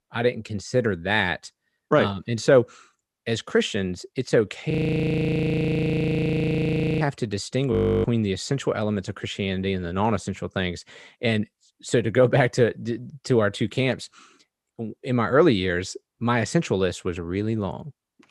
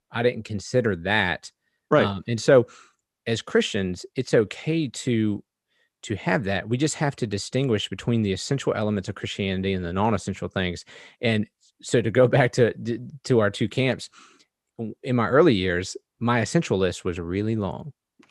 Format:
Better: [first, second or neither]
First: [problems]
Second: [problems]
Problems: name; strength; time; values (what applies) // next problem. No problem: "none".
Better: second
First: audio freezing; at 4.5 s for 2.5 s and at 7.5 s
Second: none